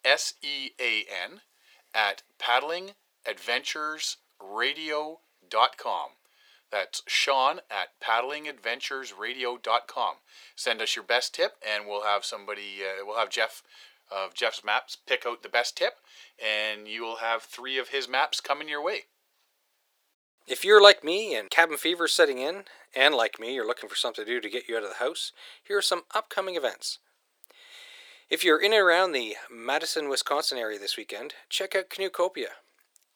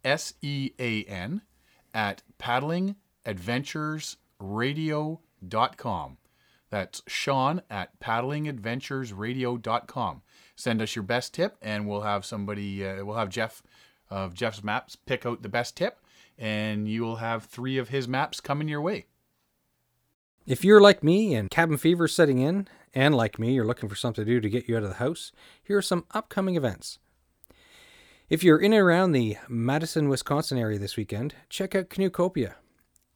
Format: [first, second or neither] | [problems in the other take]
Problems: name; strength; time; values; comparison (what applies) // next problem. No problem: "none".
second | thin; very; fading below 450 Hz